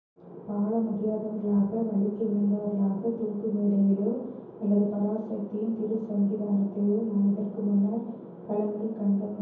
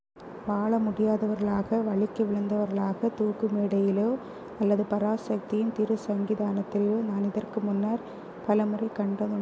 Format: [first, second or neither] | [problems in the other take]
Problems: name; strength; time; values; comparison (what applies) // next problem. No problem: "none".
second | room echo; dies away in 0.9 s